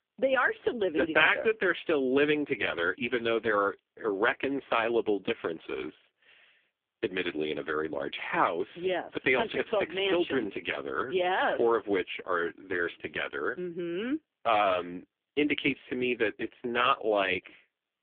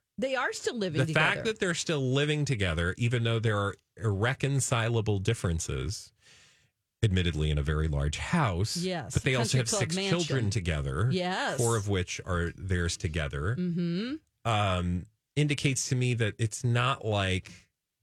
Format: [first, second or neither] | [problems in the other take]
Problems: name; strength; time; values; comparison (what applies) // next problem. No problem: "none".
second | phone-call audio; poor line; nothing above 3.5 kHz